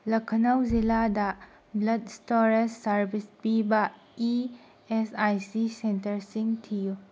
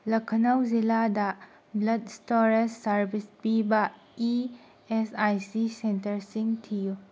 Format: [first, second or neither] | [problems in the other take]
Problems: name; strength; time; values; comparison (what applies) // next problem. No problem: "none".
second | background sound (Bass drum); 19 dB below the speech